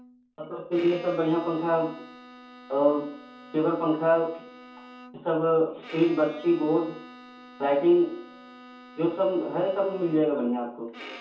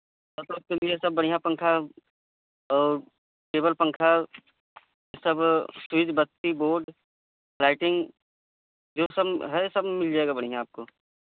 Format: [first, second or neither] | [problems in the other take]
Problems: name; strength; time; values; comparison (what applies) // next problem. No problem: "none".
second | background sound (Bowed string instrument); 19 dB below the speech // room echo; dies away in 0.6 s